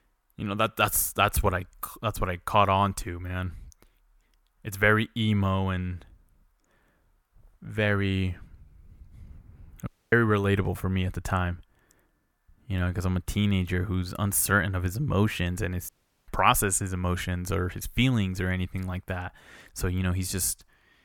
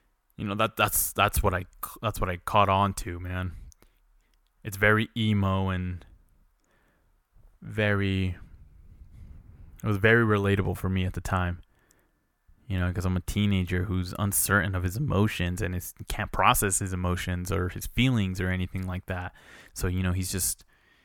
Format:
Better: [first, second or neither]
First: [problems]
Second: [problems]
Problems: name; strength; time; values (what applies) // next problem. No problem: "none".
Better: second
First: audio cutting out; at 10 s and at 16 s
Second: none